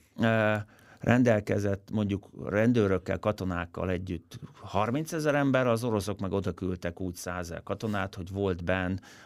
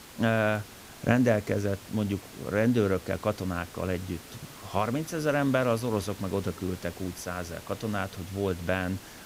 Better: first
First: none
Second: hiss; noticeable; throughout; 15 dB below the speech

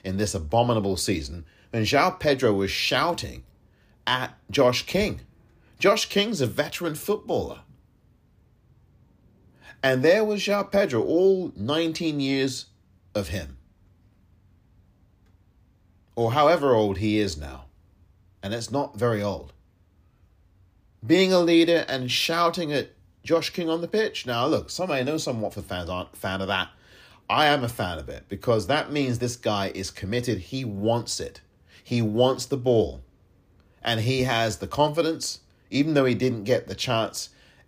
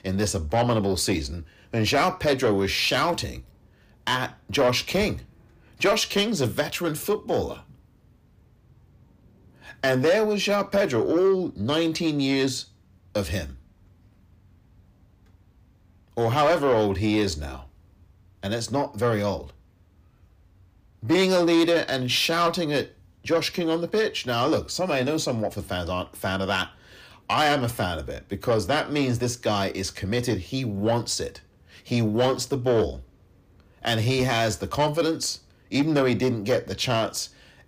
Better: first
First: none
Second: distortion; slight; 10 dB below the speech

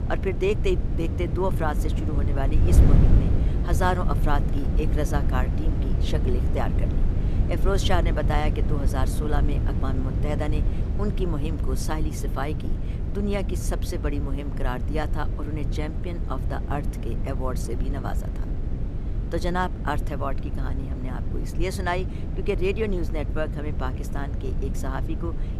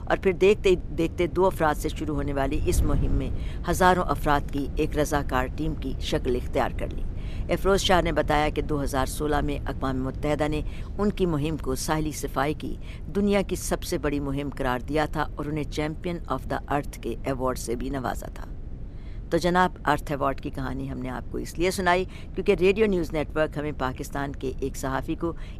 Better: second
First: wind noise on the microphone; heavy; 7 dB below the speech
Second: wind noise on the microphone; occasional gusts; 20 dB below the speech

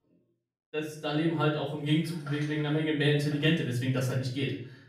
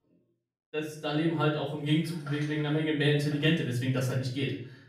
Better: neither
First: room echo; slight; dies away in 0.5 s // off-mic speech; far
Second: room echo; slight; dies away in 0.5 s // off-mic speech; far

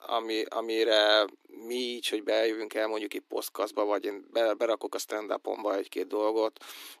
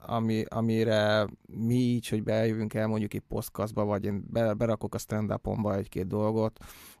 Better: second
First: thin; very; fading below 300 Hz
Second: none

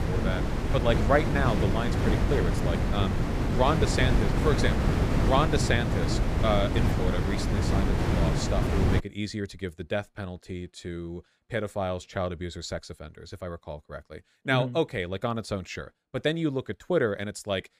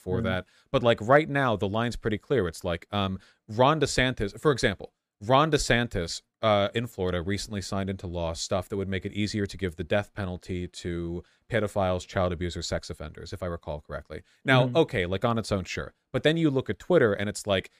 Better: second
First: wind noise on the microphone; heavy; until 9 s; 2 dB below the speech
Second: none

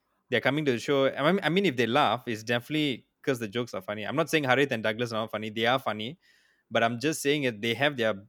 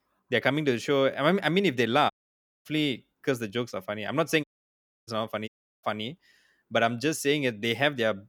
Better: first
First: none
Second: audio cutting out; at 2 s for 0.5 s, at 4.5 s for 0.5 s and at 5.5 s

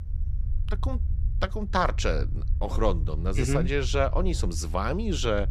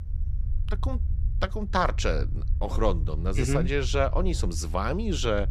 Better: neither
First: low rumble; faint; throughout; 20 dB below the speech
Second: low rumble; faint; throughout; 20 dB below the speech

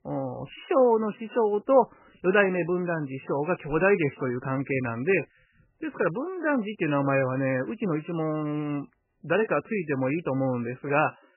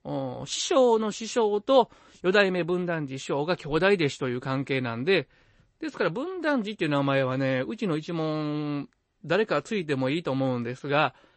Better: second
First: garbled, watery; badly; nothing above 2.5 kHz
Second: garbled, watery; slightly; nothing above 8 kHz

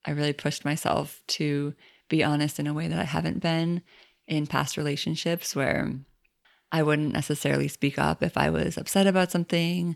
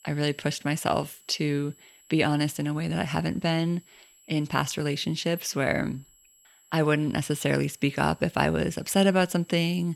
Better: first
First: none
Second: high-pitched whine; faint; throughout; 7.5 kHz, 30 dB below the speech

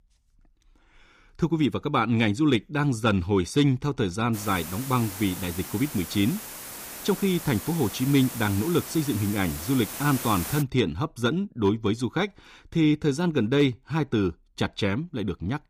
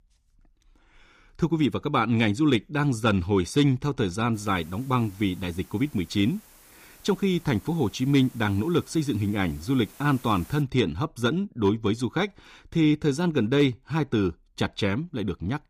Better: second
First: hiss; loud; from 4.5 to 11 s; 10 dB below the speech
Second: hiss; faint; from 4.5 to 11 s; 25 dB below the speech

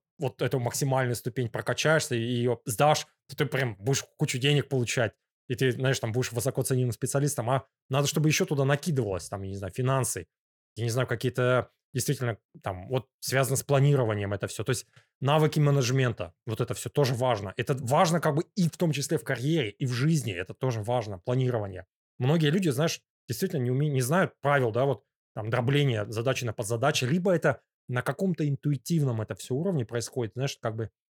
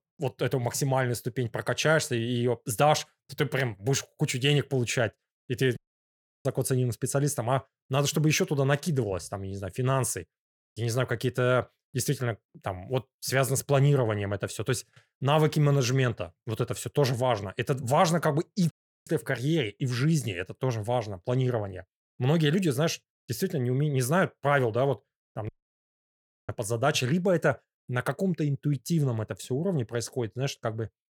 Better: first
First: none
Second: audio cutting out; at 6 s for 0.5 s, at 19 s and at 25 s for 1 s

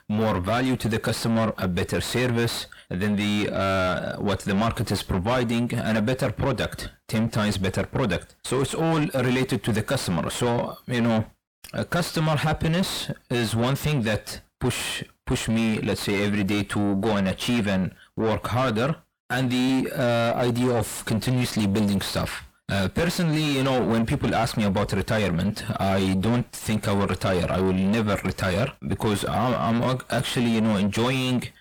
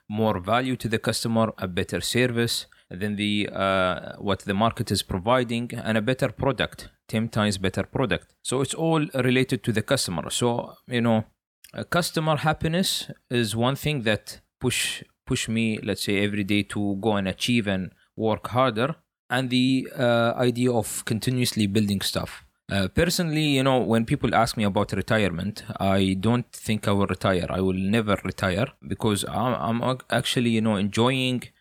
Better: second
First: distortion; heavy; 6 dB below the speech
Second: none

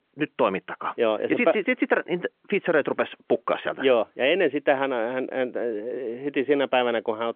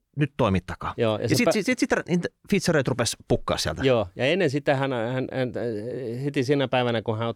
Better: second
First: phone-call audio; nothing above 3.5 kHz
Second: none

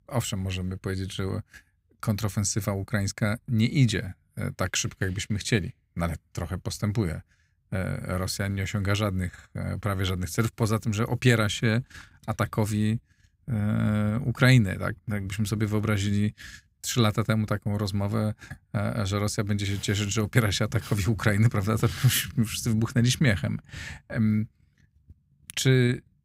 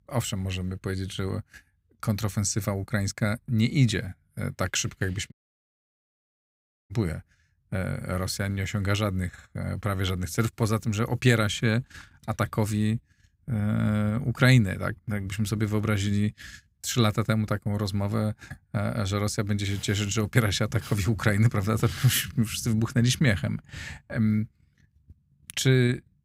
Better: first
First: none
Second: audio cutting out; at 5.5 s for 1.5 s

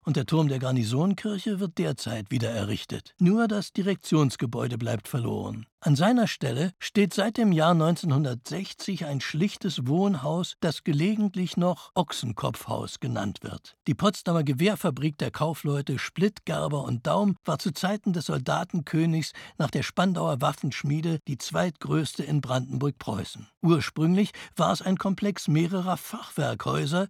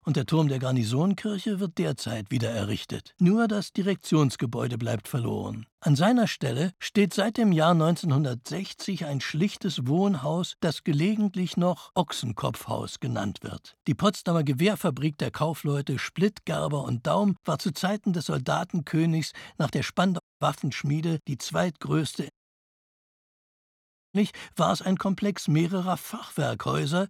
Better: first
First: none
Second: audio cutting out; at 20 s and at 22 s for 2 s

